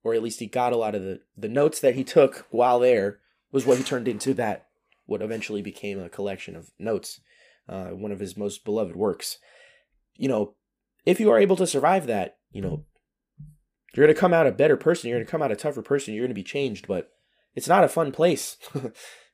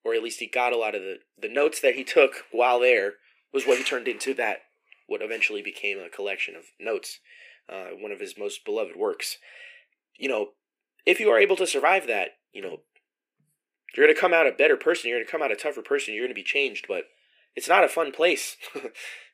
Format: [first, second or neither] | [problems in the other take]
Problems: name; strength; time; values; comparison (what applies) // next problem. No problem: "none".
first | thin; somewhat; fading below 350 Hz